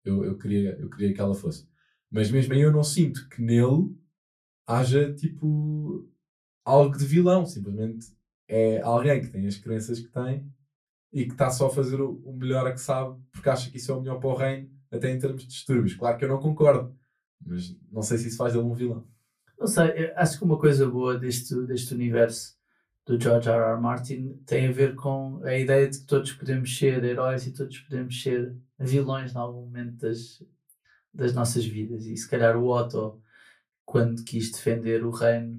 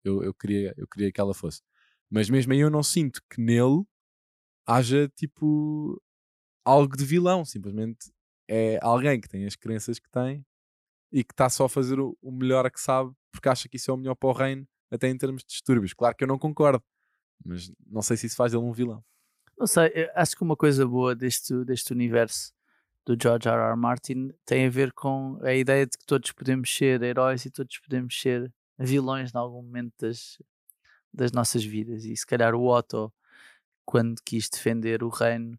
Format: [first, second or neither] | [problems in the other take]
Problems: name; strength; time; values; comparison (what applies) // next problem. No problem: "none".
second | off-mic speech; far // room echo; very slight; dies away in 0.2 s